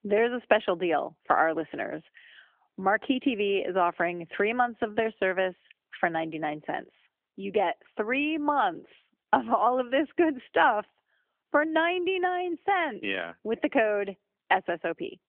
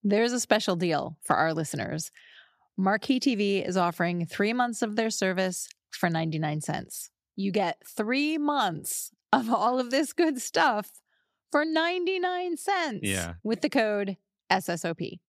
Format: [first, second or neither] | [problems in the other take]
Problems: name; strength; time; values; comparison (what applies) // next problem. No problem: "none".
second | phone-call audio; nothing above 3 kHz